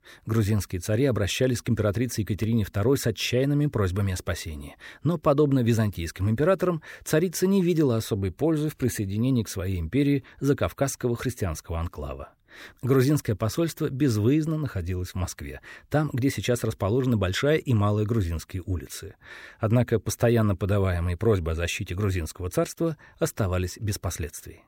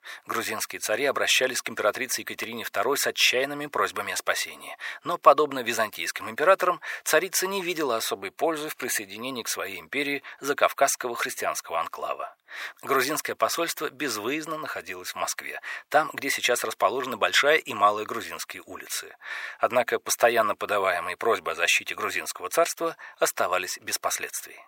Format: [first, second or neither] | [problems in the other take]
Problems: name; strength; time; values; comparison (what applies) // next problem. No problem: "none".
first | thin; very; fading below 800 Hz